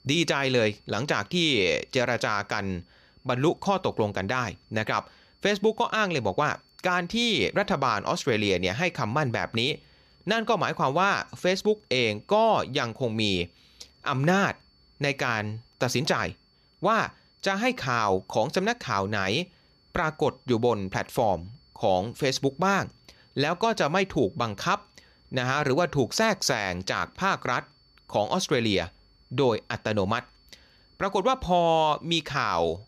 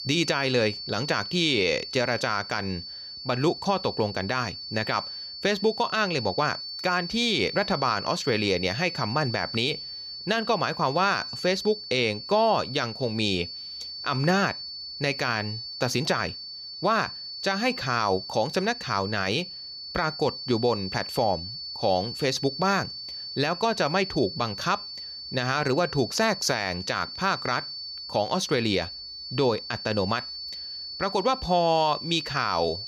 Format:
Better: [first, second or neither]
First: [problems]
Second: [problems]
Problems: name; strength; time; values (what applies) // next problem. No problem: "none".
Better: first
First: high-pitched whine; faint; throughout; 4.5 kHz, 35 dB below the speech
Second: high-pitched whine; loud; throughout; 4.5 kHz, 8 dB below the speech